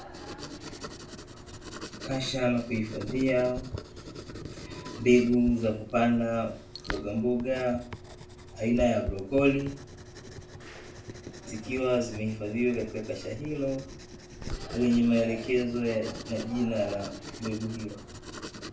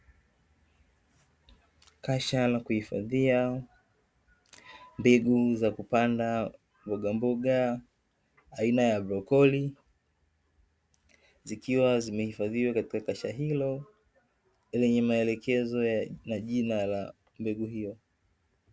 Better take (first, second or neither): second